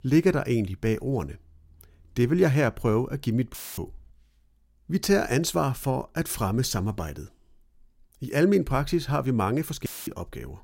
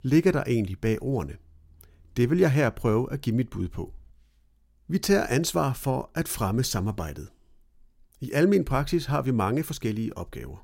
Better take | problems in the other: second | audio cutting out; filled with static; at 3.5 s and at 10 s

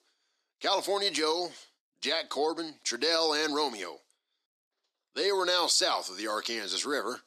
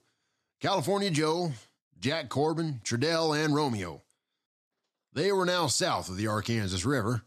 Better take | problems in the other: second | thin; somewhat; fading below 350 Hz

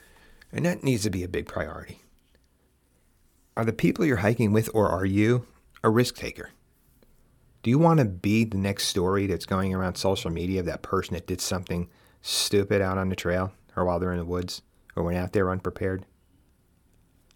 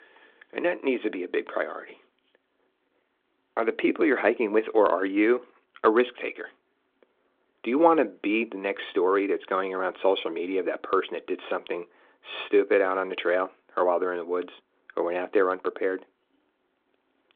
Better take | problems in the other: first | phone-call audio; nothing above 3.5 kHz

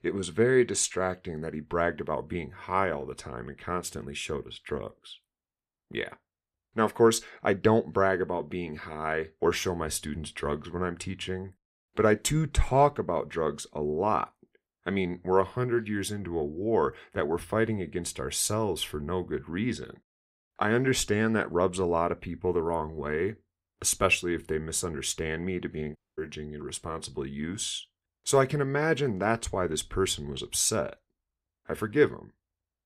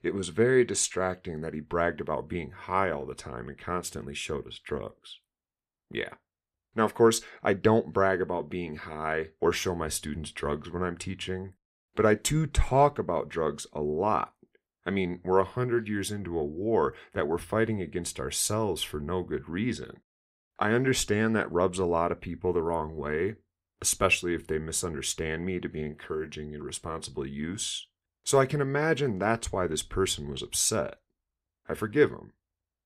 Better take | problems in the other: second | audio cutting out; at 26 s

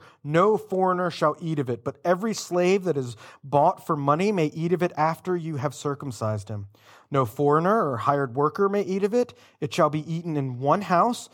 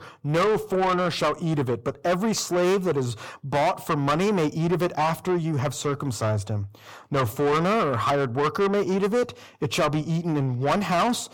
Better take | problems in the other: first | distortion; heavy; 6 dB below the speech

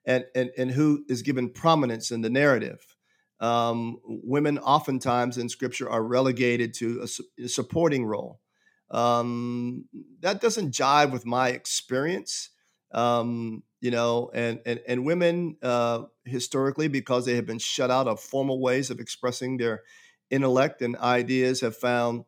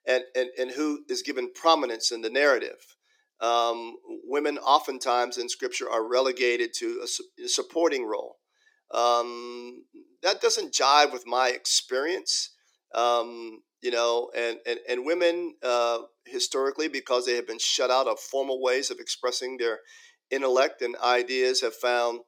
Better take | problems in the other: first | thin; somewhat; fading below 350 Hz

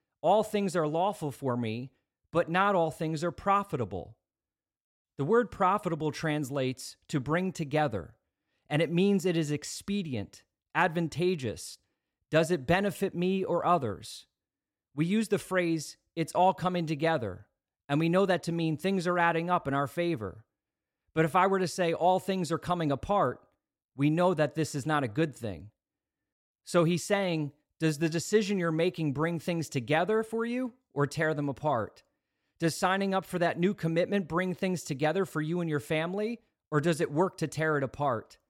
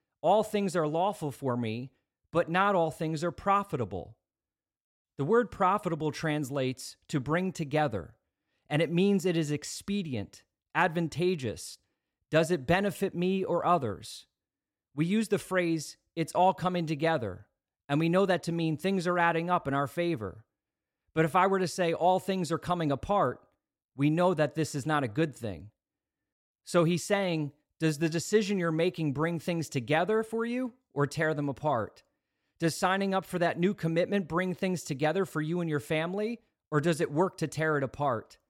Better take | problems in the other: neither | none

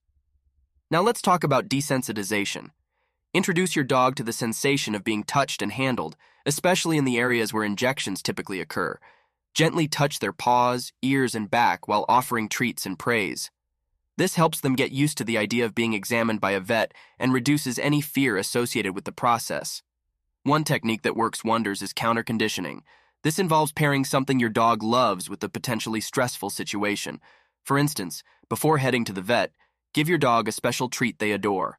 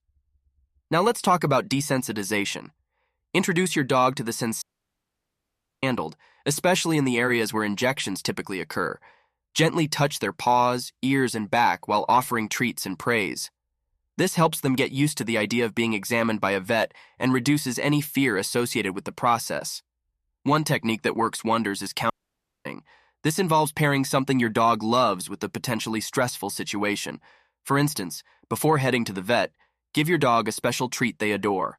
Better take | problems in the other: first | audio cutting out; at 4.5 s for 1 s and at 22 s for 0.5 s

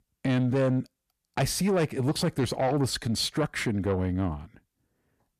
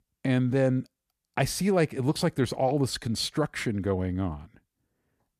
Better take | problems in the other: second | distortion; slight; 10 dB below the speech

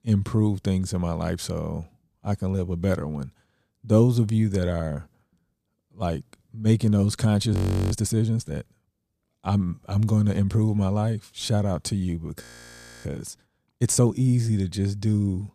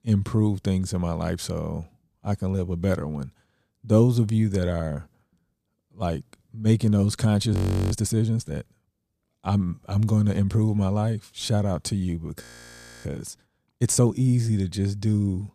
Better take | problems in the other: neither | audio freezing; at 7.5 s and at 12 s for 0.5 s; the same in both

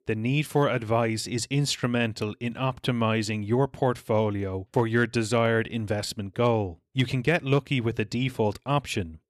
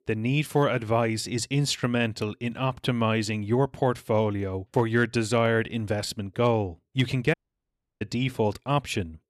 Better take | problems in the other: first | audio cutting out; at 7.5 s for 0.5 s

